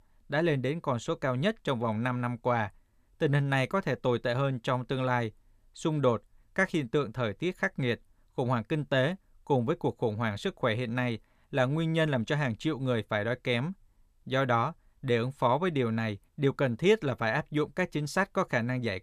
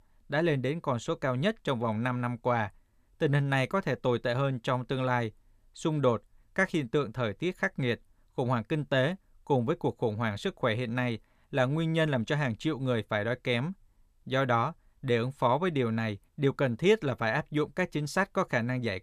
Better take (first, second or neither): neither